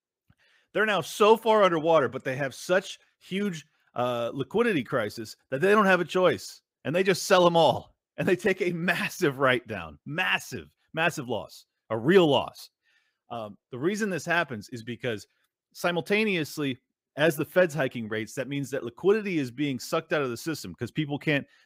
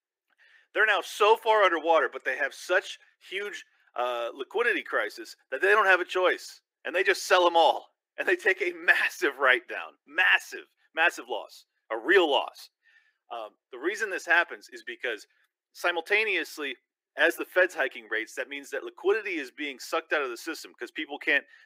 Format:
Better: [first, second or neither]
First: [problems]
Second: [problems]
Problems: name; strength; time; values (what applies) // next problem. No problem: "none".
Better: first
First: none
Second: thin; very; fading below 350 Hz